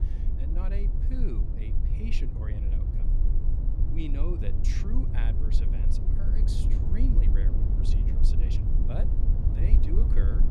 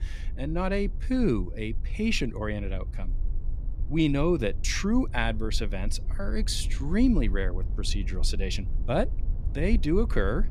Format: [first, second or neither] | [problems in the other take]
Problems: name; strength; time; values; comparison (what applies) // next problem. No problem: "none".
second | low rumble; loud; throughout; as loud as the speech; faint in the second